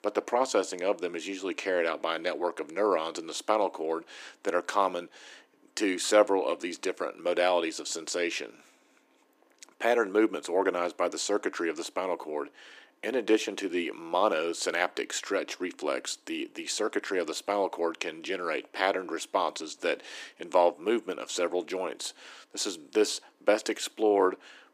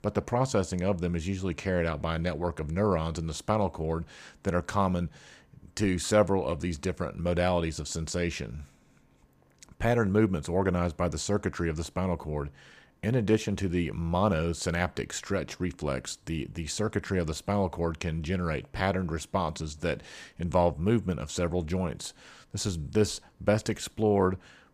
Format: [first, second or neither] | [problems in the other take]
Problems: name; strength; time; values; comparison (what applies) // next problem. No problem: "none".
second | thin; somewhat; fading below 300 Hz